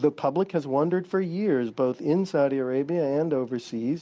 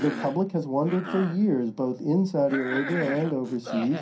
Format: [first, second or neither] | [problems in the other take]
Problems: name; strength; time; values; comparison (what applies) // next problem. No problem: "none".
first | background sound (Cough); 11 dB below the speech // room echo; dies away in 0.3 s